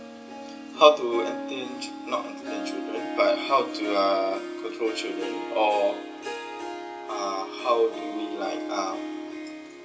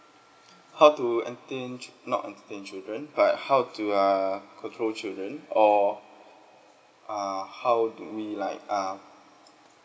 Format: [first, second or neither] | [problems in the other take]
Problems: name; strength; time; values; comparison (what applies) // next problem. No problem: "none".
second | background sound (Harp); 7 dB below the speech // room echo; dies away in 0.2 s